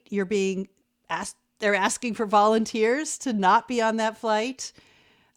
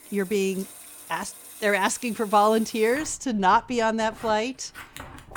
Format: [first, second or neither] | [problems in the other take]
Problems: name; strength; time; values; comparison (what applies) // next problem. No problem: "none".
first | household noises; noticeable; throughout; 20 dB below the speech